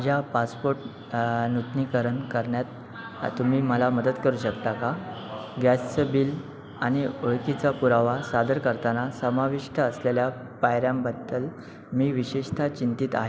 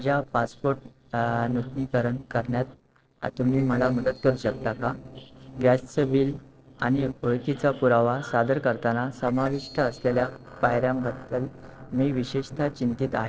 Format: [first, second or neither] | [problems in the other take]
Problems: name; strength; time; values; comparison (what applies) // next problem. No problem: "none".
first | noise reduction (neural separator model SepFormer DNS4)